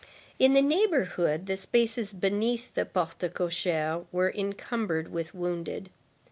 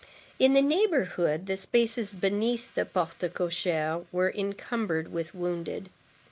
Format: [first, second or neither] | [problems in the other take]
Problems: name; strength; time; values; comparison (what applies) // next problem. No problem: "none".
first | noise reduction (neural mask model Resemble Enhance denoiser)